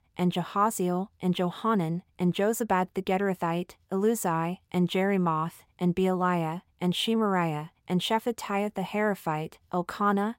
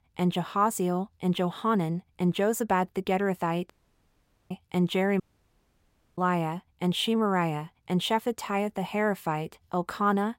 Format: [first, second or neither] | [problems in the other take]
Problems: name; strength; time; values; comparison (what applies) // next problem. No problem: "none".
first | audio cutting out; at 3.5 s for 1 s and at 5 s for 1 s